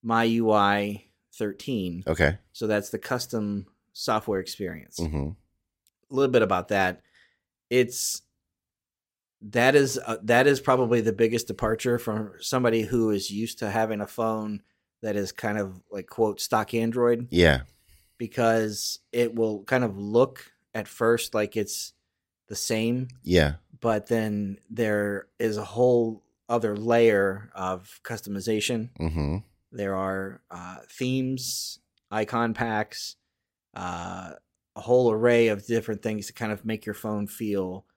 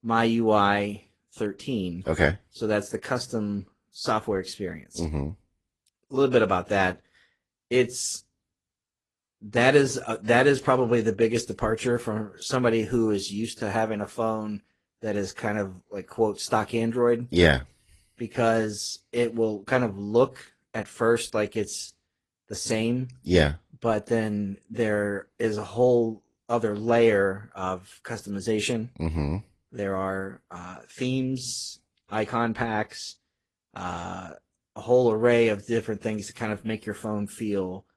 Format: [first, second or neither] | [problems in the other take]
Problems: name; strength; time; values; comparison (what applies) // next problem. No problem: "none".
first | garbled, watery; slightly; nothing above 11.5 kHz